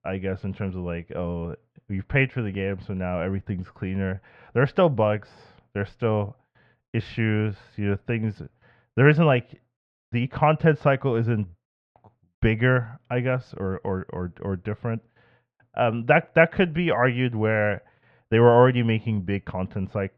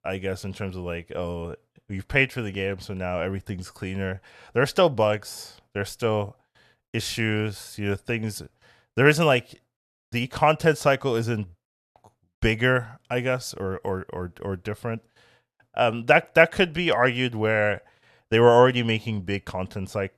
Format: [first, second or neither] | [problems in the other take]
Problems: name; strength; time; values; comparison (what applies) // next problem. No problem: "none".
second | muffled; very; fading above 2.5 kHz